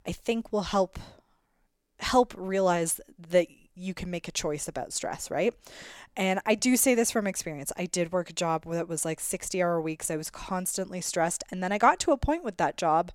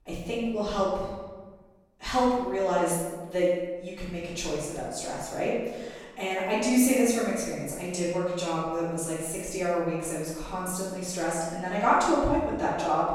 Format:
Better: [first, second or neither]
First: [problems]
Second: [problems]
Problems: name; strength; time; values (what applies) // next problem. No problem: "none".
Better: first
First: none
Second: room echo; strong; dies away in 1.1 s // off-mic speech; far